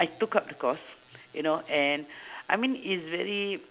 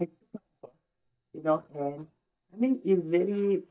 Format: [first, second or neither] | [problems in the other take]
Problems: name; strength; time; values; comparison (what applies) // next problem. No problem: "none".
first | noise reduction (neural mask model DeepFilterNet 3)